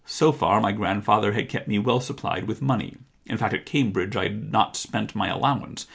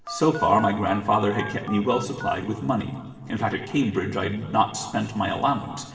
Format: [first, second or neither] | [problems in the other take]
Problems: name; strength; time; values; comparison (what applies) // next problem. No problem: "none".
first | background sound (Telephone); 16 dB below the speech // room echo; dies away in 2.4 s